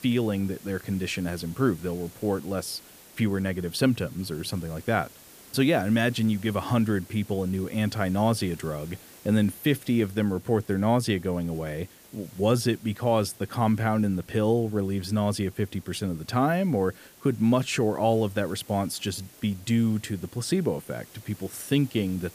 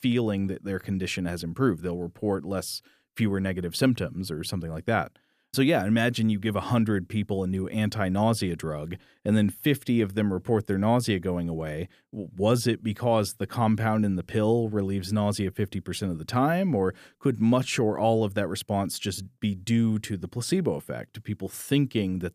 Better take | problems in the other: second | hiss; faint; throughout; 20 dB below the speech

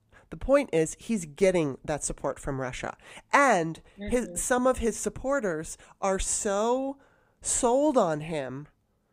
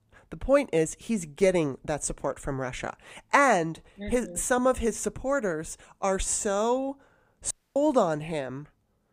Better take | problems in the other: first | audio cutting out; at 7.5 s

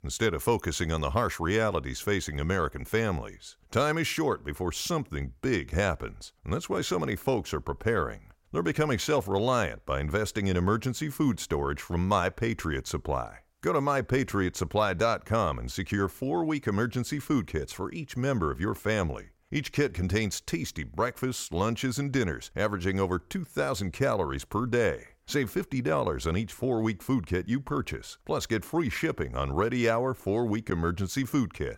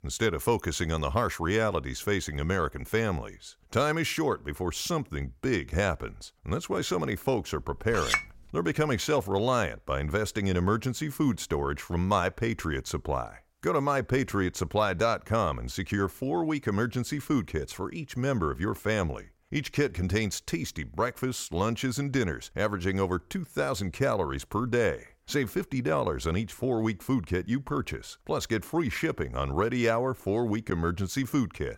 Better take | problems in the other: first | clattering dishes; loud; at 8 s; peak 1 dB above the speech

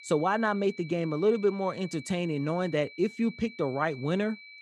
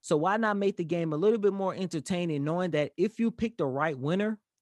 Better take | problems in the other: second | high-pitched whine; noticeable; throughout; 2.5 kHz, 15 dB below the speech

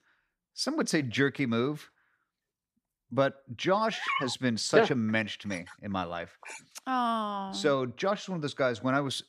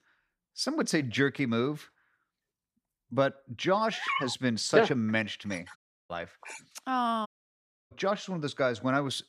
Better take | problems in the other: first | audio cutting out; at 6 s and at 7.5 s for 0.5 s

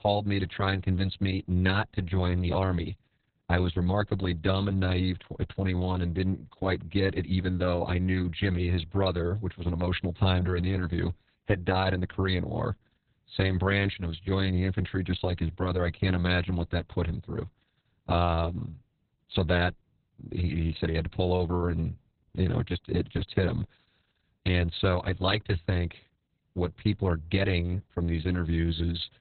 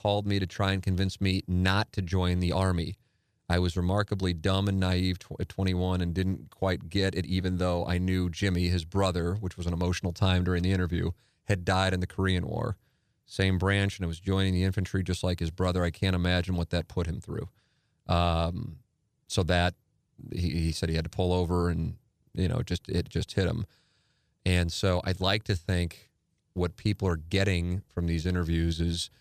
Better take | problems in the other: second | garbled, watery; badly; nothing above 4 kHz

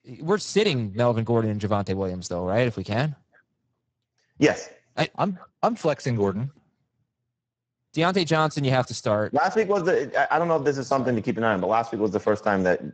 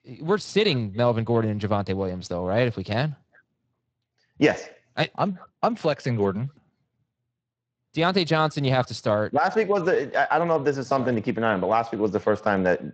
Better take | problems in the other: second | garbled, watery; badly; nothing above 8 kHz; slightly in the second

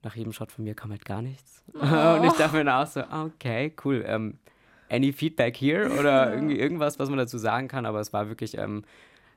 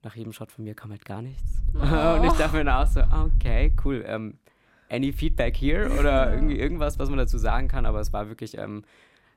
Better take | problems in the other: first | low rumble; faint; from 1.5 to 4 s and from 5 to 8 s; 25 dB below the speech

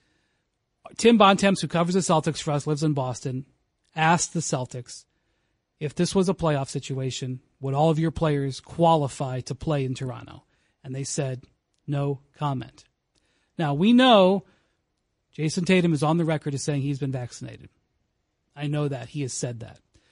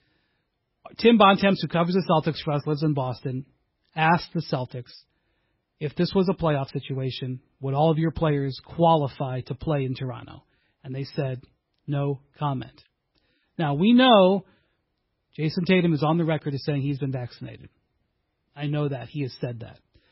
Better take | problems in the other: first | garbled, watery; badly; nothing above 5.5 kHz; slightly in the first

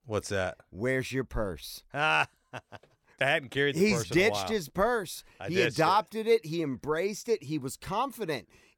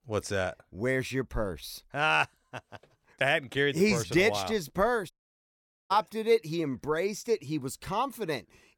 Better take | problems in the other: first | audio cutting out; at 5 s for 1 s

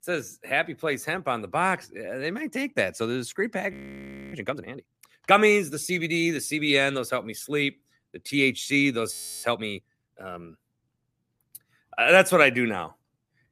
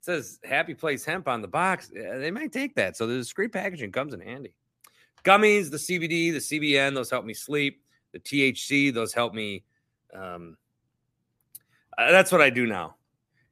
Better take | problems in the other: second | audio freezing; at 3.5 s for 0.5 s and at 9 s

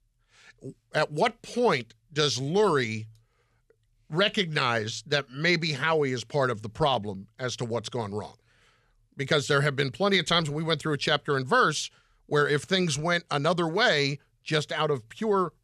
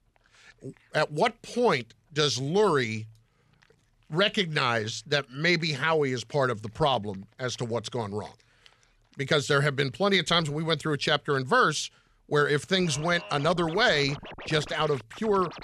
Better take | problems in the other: first | background music; noticeable; throughout; 20 dB below the speech

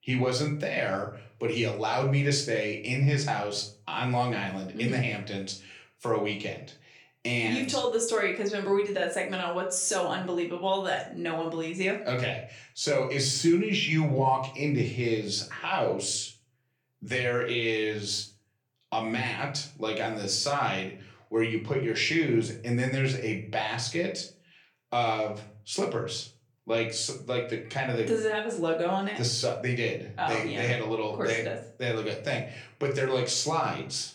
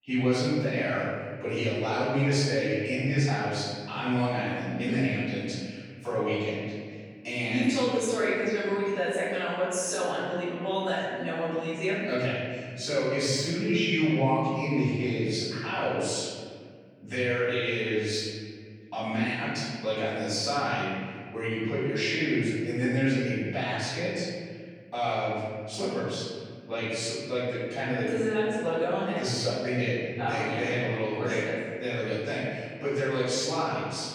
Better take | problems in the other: first | room echo; strong; dies away in 2 s; slight in the first // off-mic speech; far; far in the first

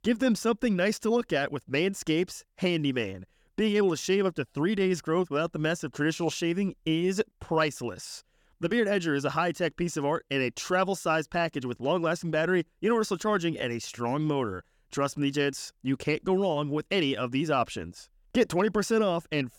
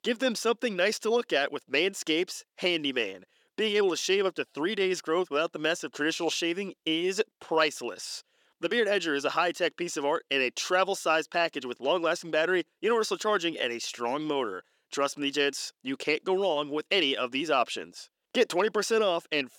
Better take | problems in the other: first | thin; somewhat; fading below 400 Hz

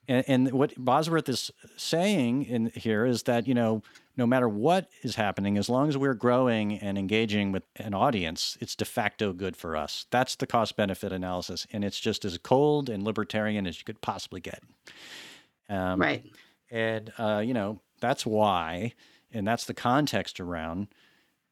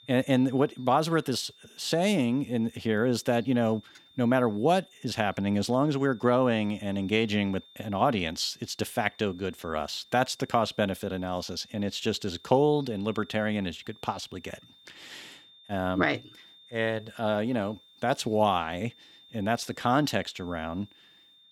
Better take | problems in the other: first | high-pitched whine; faint; throughout; 3.5 kHz, 25 dB below the speech

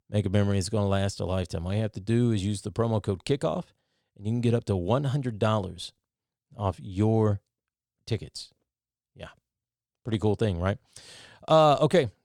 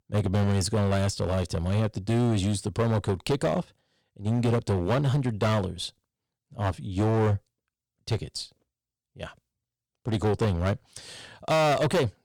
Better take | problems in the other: first | distortion; heavy; 12% of the sound clipped

